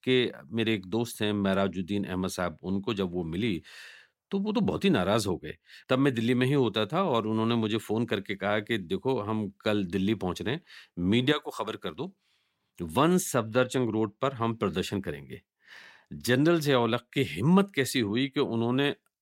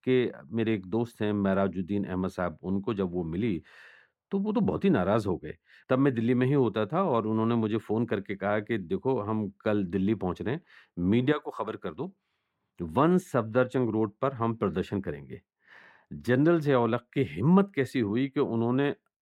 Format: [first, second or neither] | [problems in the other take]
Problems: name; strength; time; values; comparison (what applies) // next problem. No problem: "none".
first | muffled; slightly; fading above 2.5 kHz